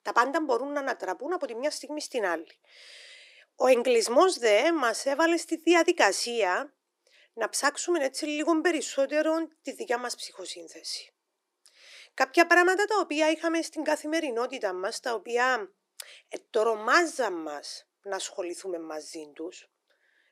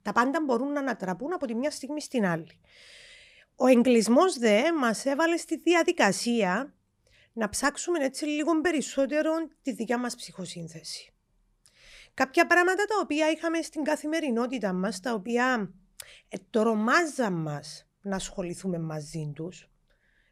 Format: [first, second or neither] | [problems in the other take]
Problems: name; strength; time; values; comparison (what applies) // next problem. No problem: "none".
second | thin; somewhat; fading below 300 Hz